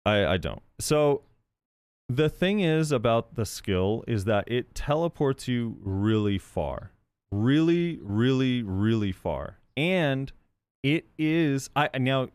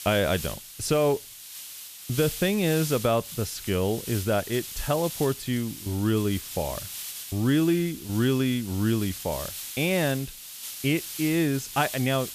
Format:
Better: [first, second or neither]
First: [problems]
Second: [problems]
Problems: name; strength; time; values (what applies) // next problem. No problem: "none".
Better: first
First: none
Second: hiss; loud; throughout; 9 dB below the speech